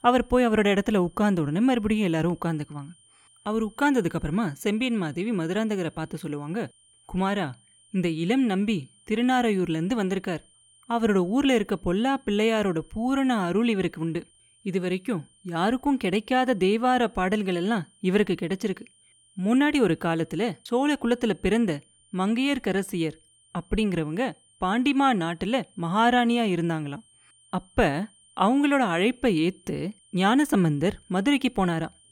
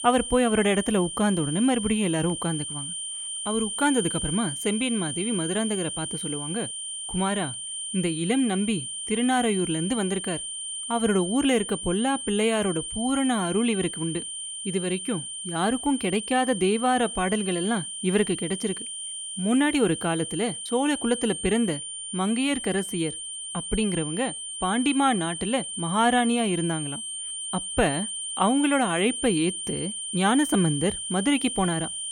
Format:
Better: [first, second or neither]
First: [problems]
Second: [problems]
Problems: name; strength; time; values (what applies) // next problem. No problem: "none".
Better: first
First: high-pitched whine; faint; throughout; 9 kHz, 30 dB below the speech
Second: high-pitched whine; loud; throughout; 9 kHz, 5 dB below the speech